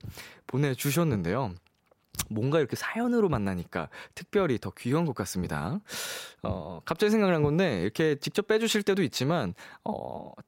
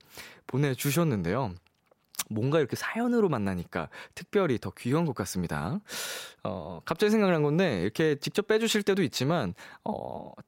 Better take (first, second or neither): second